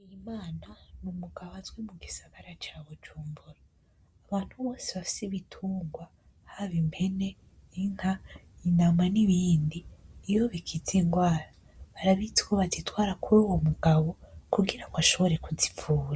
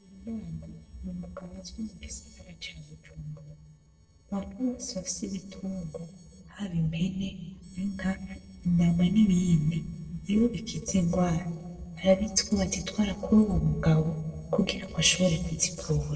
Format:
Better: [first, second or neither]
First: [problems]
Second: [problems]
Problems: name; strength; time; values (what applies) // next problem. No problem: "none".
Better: first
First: none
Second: noise reduction (neural separator model SepFormer DNS4)